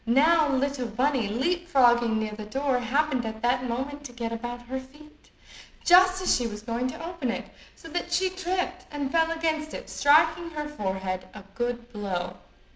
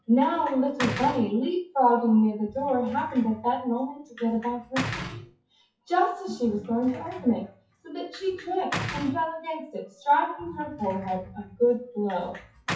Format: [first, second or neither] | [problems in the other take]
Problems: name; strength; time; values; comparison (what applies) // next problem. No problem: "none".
first | noise reduction (classical method WPE with log-MMSE)